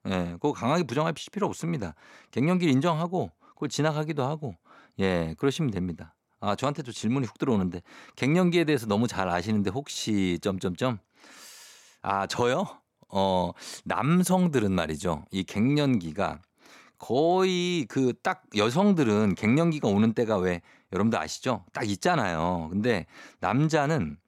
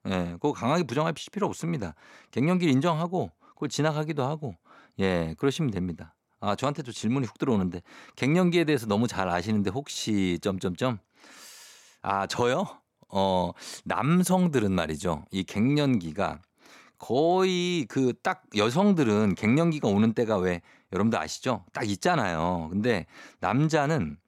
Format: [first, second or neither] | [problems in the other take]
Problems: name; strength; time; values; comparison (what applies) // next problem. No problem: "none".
neither | none